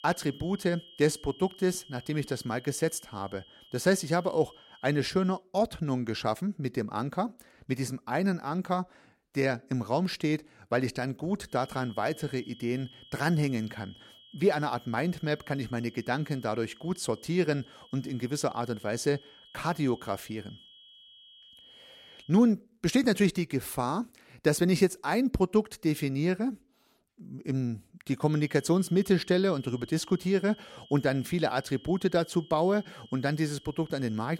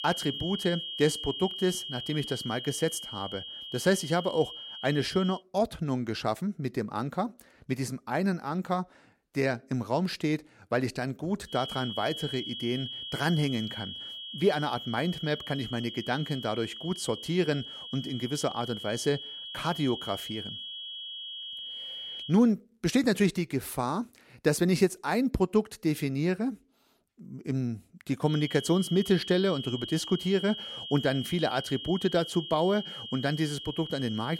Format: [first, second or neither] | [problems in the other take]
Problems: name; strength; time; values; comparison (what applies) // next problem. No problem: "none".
first | high-pitched whine; loud; until 5.5 s, from 12 to 22 s and from 28 s on; 3 kHz, 8 dB below the speech; faint in the first